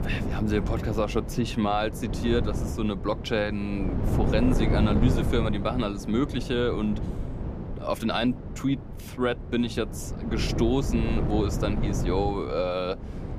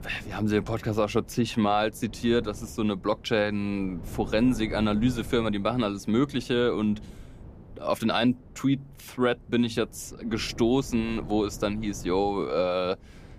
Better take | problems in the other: second | wind noise on the microphone; heavy; 8 dB below the speech; occasional gusts in the second

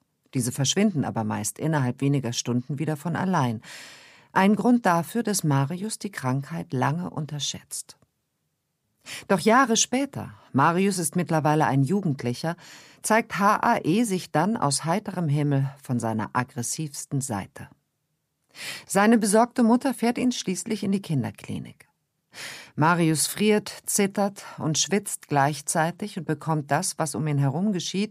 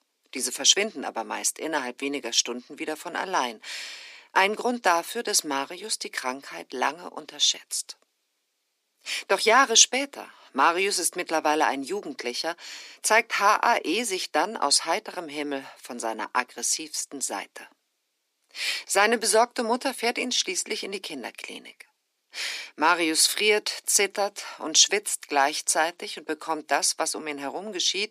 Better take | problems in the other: first | thin; somewhat; fading below 300 Hz

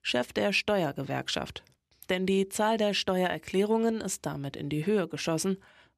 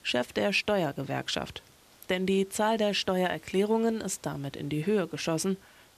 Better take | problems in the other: first | hiss; faint; throughout; 30 dB below the speech

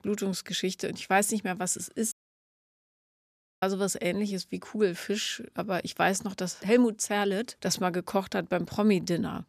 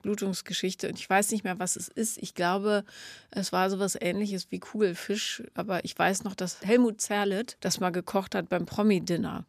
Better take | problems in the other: second | audio cutting out; at 2 s for 1.5 s

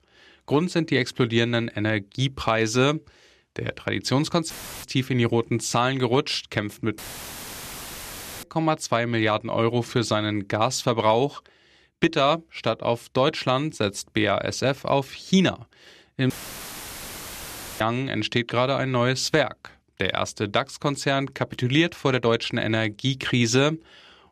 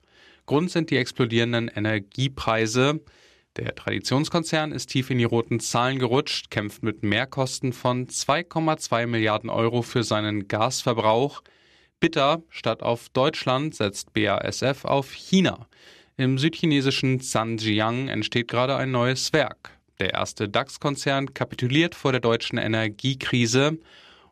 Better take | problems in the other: second | audio cutting out; filled with static; at 4.5 s, at 7 s for 1.5 s and at 16 s for 1.5 s

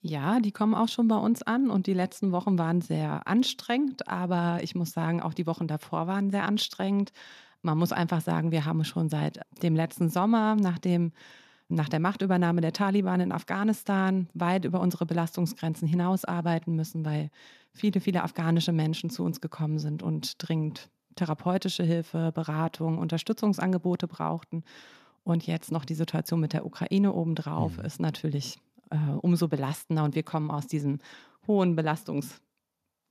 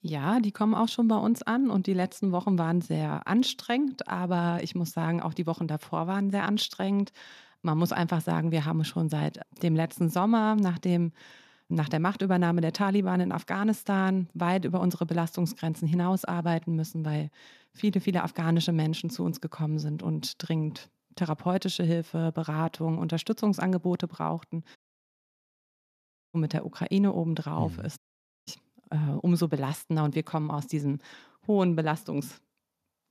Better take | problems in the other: first | audio cutting out; at 25 s for 1.5 s and at 28 s

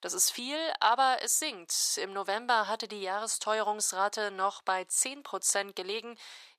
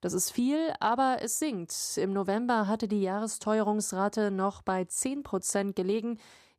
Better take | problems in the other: second | thin; very; fading below 750 Hz

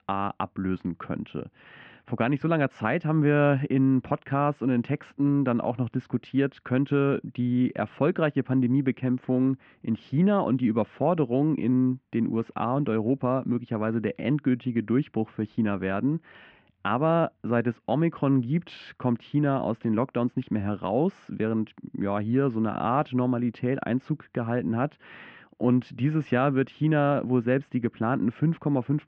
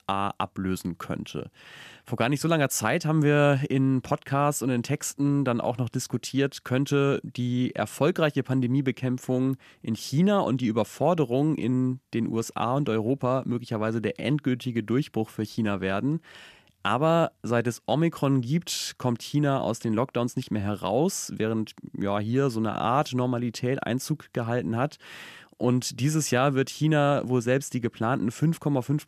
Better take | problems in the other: second | muffled; very; fading above 2.5 kHz

